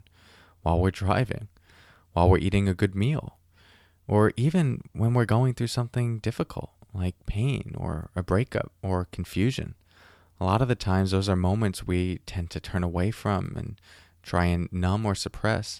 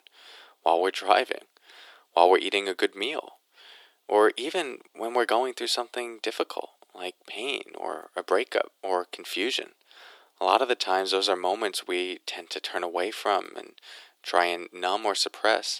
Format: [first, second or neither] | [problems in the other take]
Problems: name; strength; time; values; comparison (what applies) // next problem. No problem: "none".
first | thin; very; fading below 350 Hz